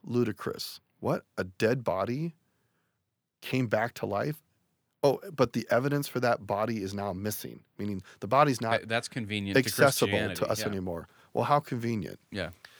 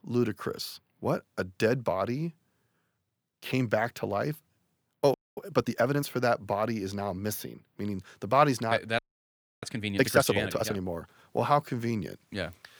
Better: first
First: none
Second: audio freezing; at 5 s and at 9 s for 0.5 s

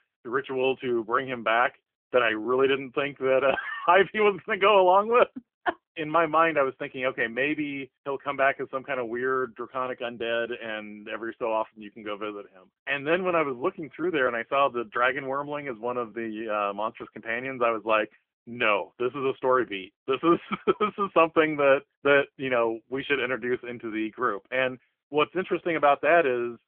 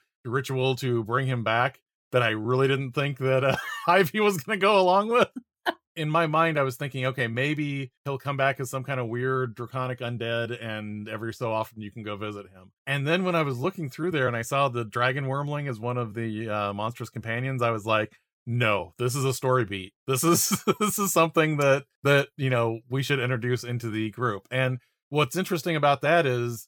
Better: second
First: phone-call audio; nothing above 3 kHz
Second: none

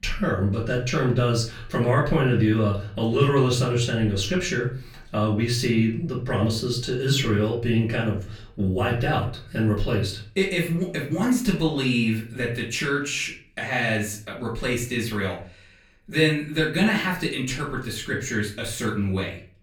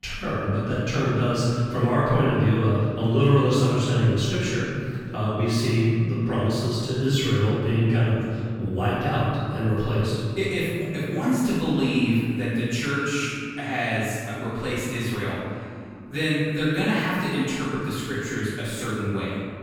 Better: first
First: room echo; slight; dies away in 0.4 s // off-mic speech; far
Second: room echo; strong; dies away in 2.4 s // off-mic speech; far

